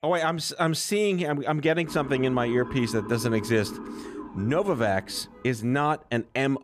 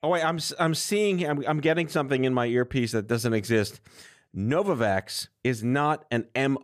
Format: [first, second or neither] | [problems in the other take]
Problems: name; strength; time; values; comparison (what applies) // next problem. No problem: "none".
second | siren; faint; from 2 to 6 s; peak 10 dB below the speech